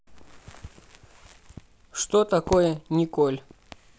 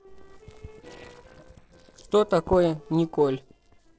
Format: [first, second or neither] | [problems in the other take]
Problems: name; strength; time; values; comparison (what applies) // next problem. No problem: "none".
first | noise reduction (neural separator model SepFormer DNS4)